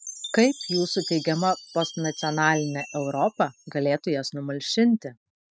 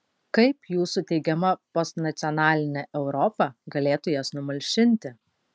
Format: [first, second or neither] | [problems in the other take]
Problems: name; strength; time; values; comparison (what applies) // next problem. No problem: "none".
second | noise reduction (classical method spectral subtraction)